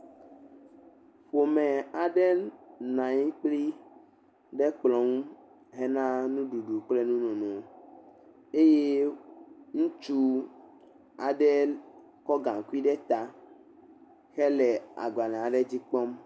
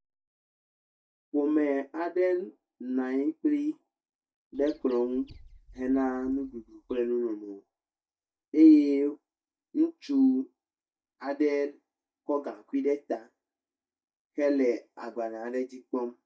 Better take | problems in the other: first | noise reduction (neural mask model DeepFilterNet 3)

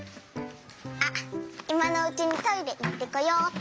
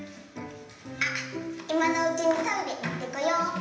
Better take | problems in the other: first | room echo; dies away in 0.9 s

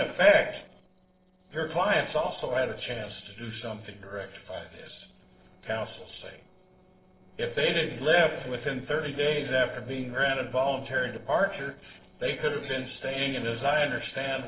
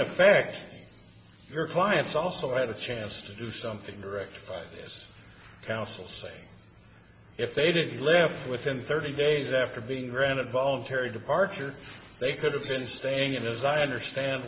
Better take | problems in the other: second | noise reduction (neural separator model SepFormer DNS4)

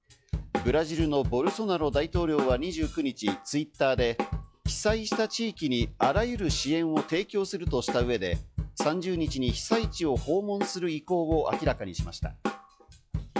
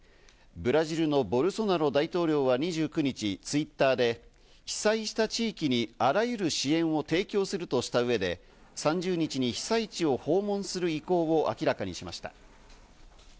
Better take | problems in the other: second | noise reduction (classical method log-MMSE)

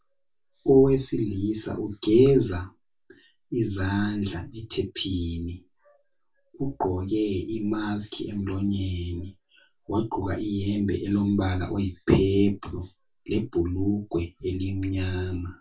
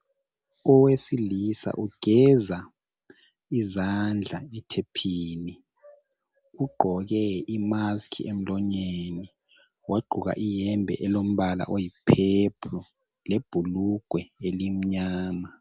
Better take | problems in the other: second | room echo; dies away in 0.1 s

